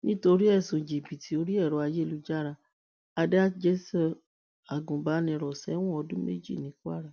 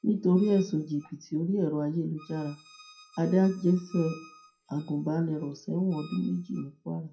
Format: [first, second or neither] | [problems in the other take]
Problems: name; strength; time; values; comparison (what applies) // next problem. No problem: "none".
first | noise reduction (classical method WPE with log-MMSE)